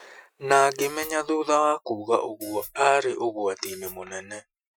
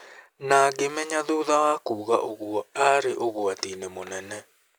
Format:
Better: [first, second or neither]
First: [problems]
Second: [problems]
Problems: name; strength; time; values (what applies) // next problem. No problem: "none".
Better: second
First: noise reduction (classical method Wiener filter)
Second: none